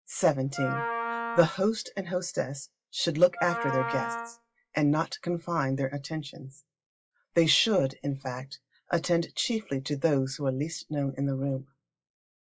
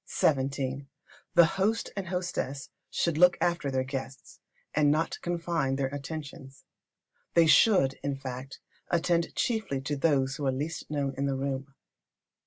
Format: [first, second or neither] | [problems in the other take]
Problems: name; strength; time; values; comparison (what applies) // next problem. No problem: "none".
second | noise reduction (classical method log-MMSE)